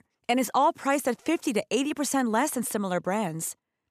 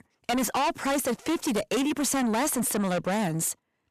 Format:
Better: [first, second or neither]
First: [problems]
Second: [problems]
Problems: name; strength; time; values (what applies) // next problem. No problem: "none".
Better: first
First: none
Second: distortion; heavy; 6 dB below the speech